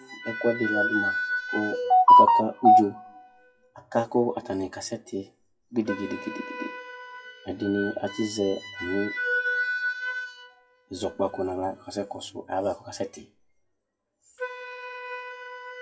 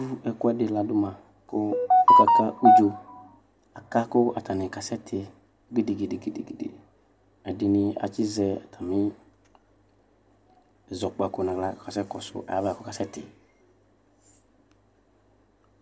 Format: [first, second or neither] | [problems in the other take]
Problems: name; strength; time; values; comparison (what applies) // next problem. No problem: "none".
second | noise reduction (classical method WPE with log-MMSE)